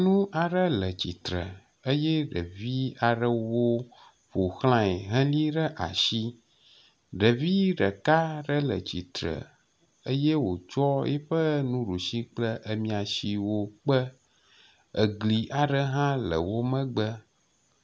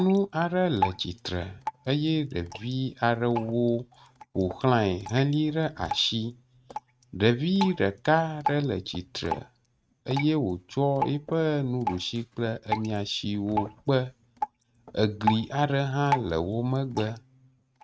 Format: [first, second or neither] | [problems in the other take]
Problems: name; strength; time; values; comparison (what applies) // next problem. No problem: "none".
first | noise reduction (neural mask model RNNoise)